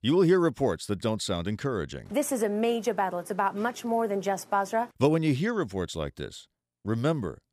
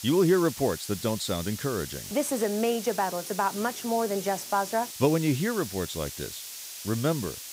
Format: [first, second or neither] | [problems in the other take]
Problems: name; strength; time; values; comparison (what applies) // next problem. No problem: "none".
first | hiss; loud; throughout; 9 dB below the speech